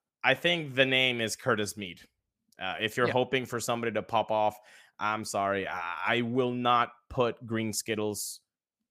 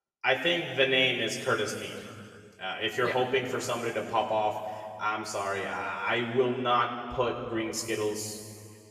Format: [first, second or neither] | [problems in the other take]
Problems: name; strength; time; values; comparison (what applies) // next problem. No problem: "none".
first | room echo; noticeable; dies away in 2 s // off-mic speech; far